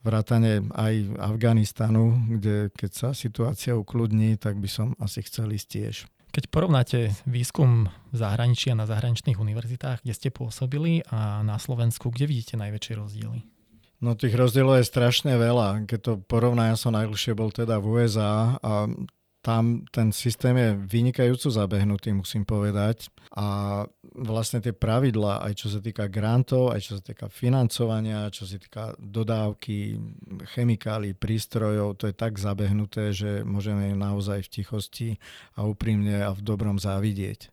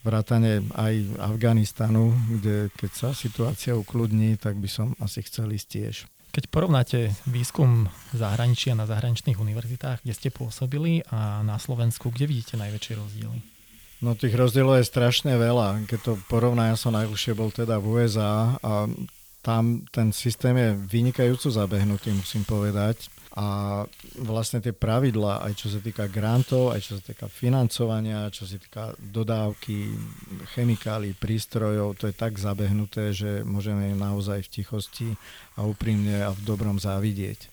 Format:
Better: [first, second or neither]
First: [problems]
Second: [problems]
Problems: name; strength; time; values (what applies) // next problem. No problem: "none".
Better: first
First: none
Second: hiss; faint; throughout; 20 dB below the speech